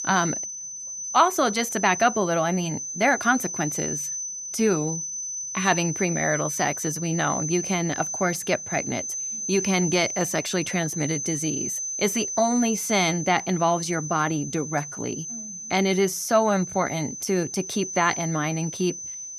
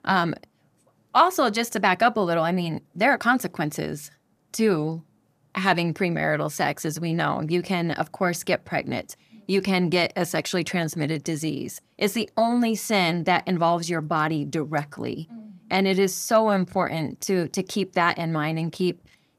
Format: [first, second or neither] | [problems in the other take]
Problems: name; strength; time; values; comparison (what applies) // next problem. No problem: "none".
second | high-pitched whine; loud; throughout; 6 kHz, 5 dB below the speech